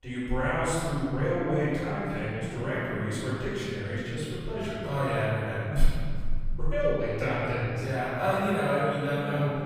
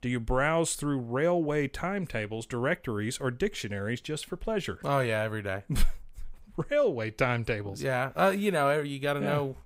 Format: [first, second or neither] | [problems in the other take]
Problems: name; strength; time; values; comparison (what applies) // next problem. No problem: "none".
second | off-mic speech; far // room echo; strong; dies away in 2.6 s